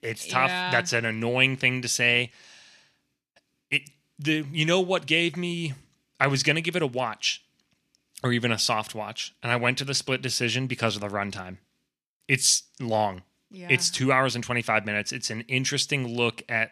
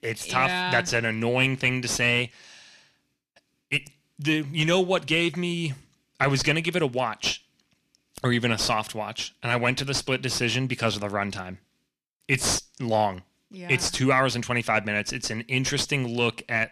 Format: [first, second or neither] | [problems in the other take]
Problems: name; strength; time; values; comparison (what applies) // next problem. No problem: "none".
first | distortion; slight; 10 dB below the speech